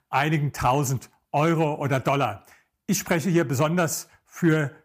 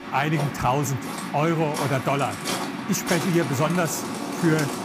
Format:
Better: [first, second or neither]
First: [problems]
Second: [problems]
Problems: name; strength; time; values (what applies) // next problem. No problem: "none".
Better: first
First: none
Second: rain or running water; loud; throughout; 5 dB below the speech